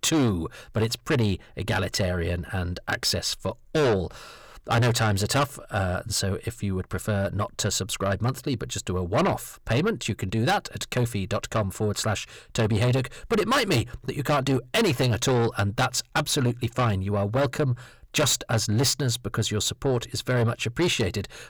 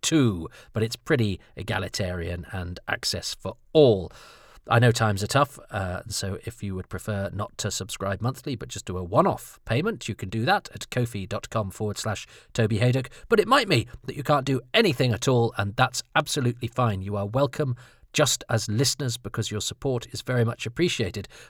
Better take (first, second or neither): second